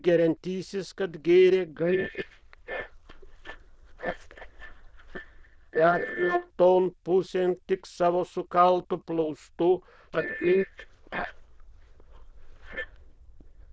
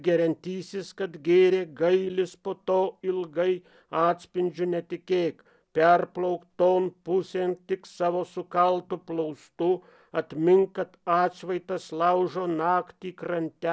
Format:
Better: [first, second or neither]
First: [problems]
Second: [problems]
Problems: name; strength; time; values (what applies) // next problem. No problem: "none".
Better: second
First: noise reduction (neural diffusion model UNIVERSE++)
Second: none